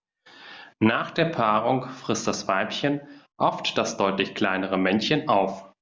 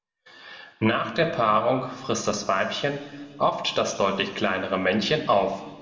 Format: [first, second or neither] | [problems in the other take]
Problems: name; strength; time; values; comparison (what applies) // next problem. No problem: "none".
first | room echo; dies away in 1.7 s